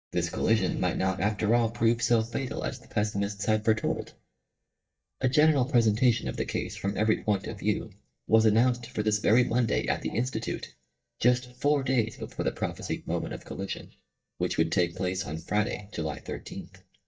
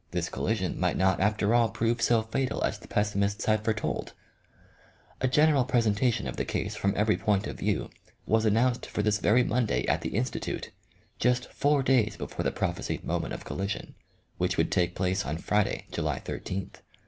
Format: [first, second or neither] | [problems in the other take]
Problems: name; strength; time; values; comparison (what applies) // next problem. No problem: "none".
second | noise reduction (neural mask model DeepFilterNet 3)